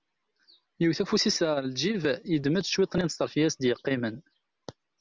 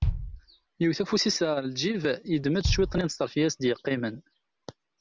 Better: first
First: none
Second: background sound (Bass drum); 6 dB below the speech

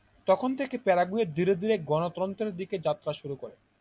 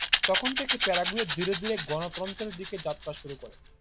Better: first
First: none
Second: background sound (Rattle / Rattle (instrument)); as loud as the speech

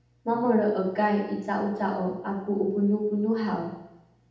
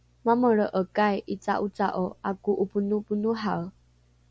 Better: second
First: room echo; dies away in 0.8 s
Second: none

